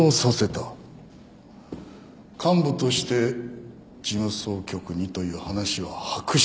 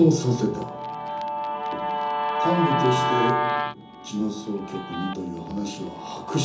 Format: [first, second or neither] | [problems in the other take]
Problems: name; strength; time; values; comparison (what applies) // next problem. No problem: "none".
first | background sound (Guitar); 2 dB below the speech // room echo; dies away in 0.6 s